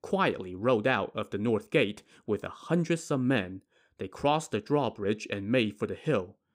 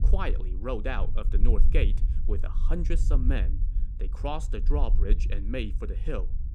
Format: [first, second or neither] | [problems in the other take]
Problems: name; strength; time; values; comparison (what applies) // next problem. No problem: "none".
first | low rumble; noticeable; throughout; 15 dB below the speech